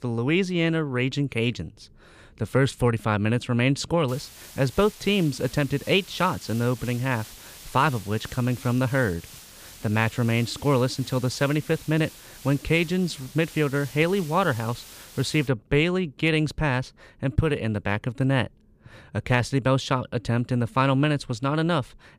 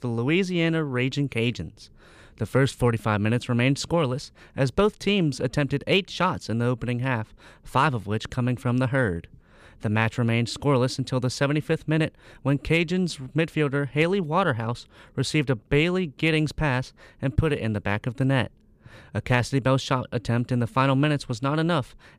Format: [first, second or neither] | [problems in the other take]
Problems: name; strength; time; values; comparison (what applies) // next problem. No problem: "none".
second | hiss; noticeable; from 4 to 15 s; 20 dB below the speech